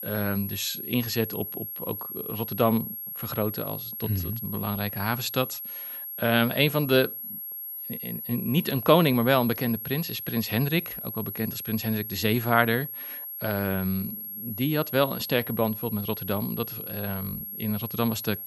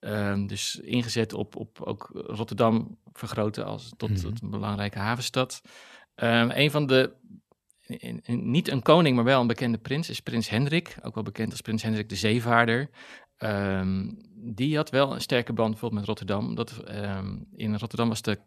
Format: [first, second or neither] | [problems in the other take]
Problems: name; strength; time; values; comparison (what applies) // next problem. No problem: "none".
second | high-pitched whine; loud; throughout; 11.5 kHz, 7 dB below the speech